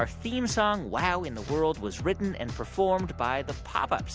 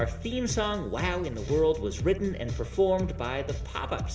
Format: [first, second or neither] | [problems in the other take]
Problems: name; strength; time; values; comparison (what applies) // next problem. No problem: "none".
first | room echo; dies away in 0.9 s